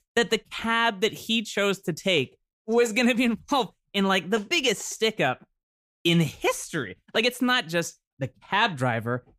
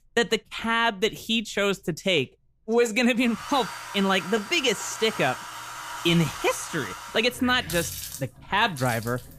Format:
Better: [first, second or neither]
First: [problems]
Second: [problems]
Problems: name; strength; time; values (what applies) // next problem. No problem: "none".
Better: first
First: none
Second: household noises; noticeable; throughout; 10 dB below the speech